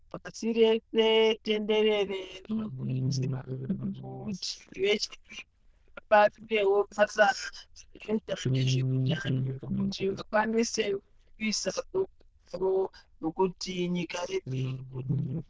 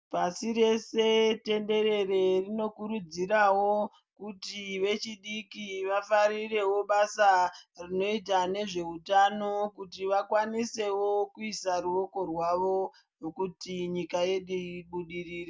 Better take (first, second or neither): second